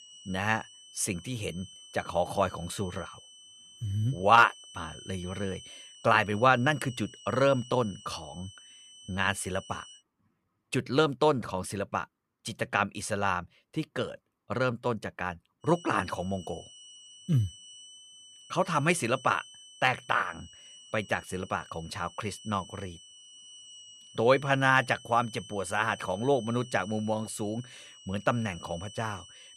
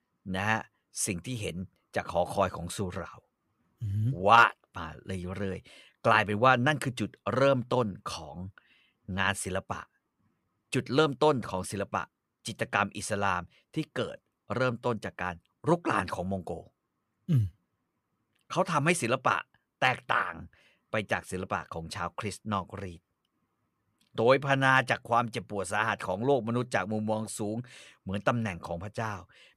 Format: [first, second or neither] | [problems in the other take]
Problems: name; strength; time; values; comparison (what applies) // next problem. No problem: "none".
second | high-pitched whine; noticeable; until 10 s and from 16 s on; 3 kHz, 20 dB below the speech